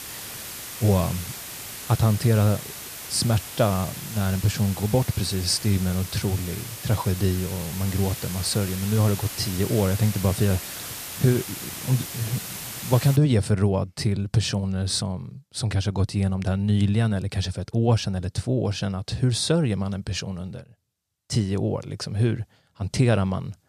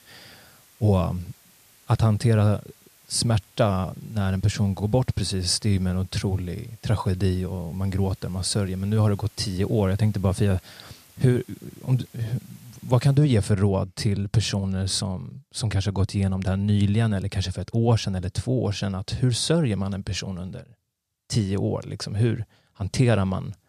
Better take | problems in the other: second | hiss; loud; until 13 s; 9 dB below the speech; faint in the second

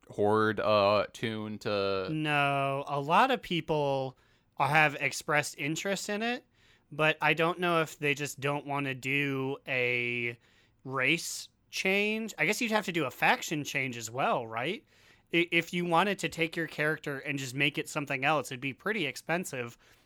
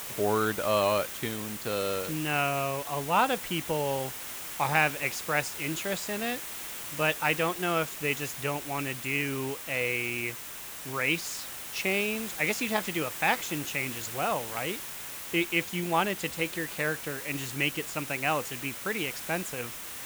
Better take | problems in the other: first | hiss; loud; throughout; 7 dB below the speech

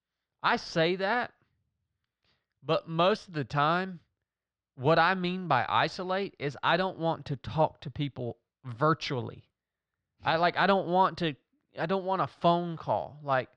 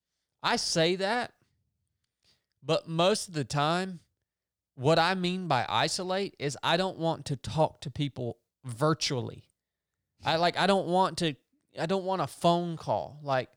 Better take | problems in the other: second | muffled; slightly; fading above 3.5 kHz

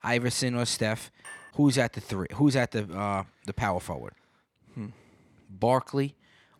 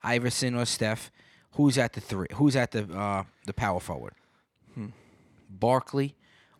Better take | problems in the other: second | clattering dishes; faint; at 1 s; peak 15 dB below the speech

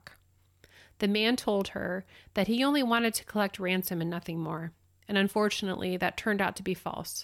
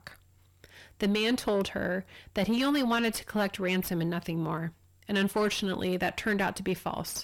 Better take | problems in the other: first | distortion; slight; 9 dB below the speech

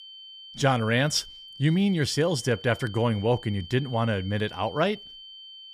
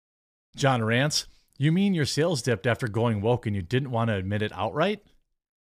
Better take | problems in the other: second | high-pitched whine; noticeable; throughout; 3 kHz, 15 dB below the speech

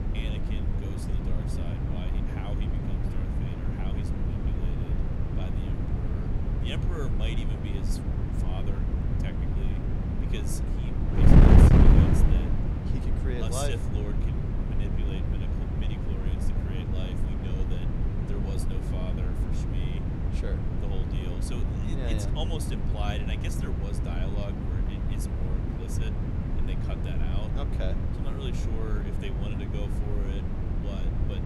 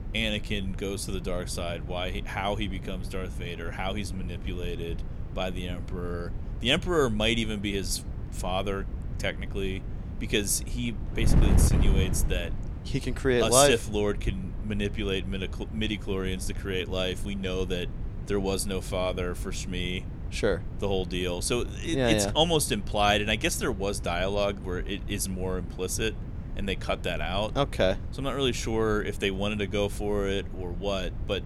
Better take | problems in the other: second | wind noise on the microphone; heavy; 4 dB above the speech; occasional gusts in the second

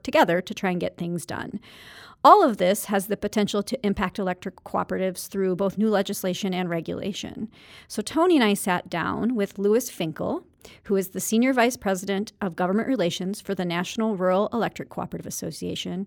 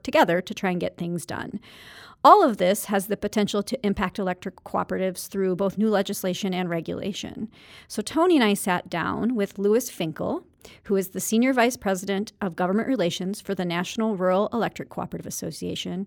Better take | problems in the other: neither | none

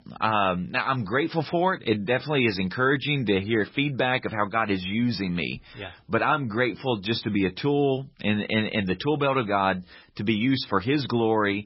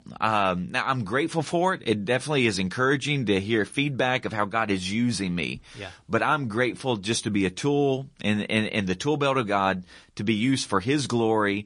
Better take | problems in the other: second | garbled, watery; badly; nothing above 5.5 kHz; slightly in the second

